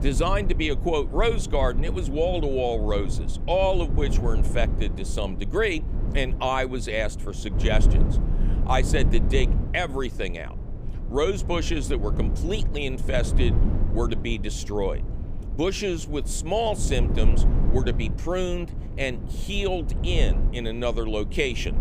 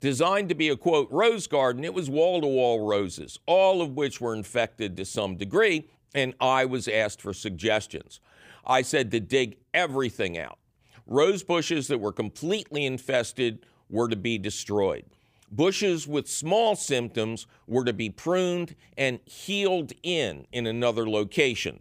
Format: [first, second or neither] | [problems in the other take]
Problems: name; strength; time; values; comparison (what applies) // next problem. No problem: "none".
second | low rumble; noticeable; throughout; 10 dB below the speech